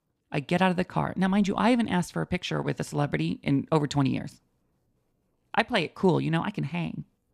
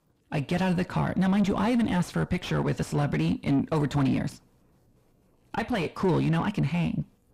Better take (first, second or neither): first